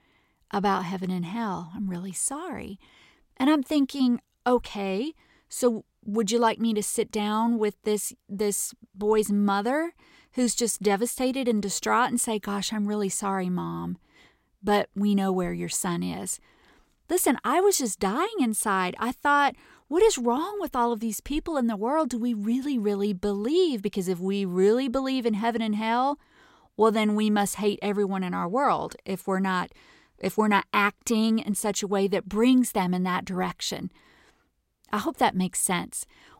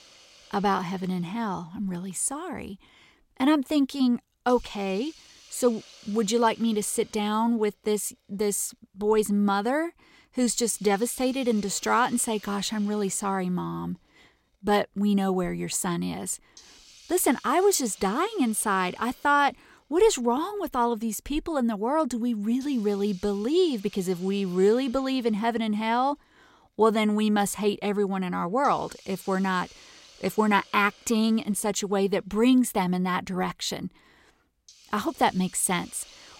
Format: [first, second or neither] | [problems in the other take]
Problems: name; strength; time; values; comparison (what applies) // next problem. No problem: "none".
first | hiss; faint; throughout; 25 dB below the speech